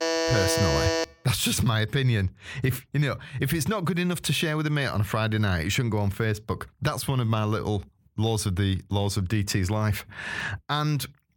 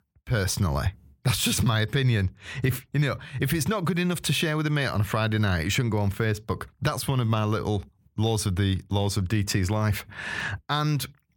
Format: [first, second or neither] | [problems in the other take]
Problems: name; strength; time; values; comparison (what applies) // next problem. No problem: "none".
second | alarm; loud; until 1 s; peak 2 dB above the speech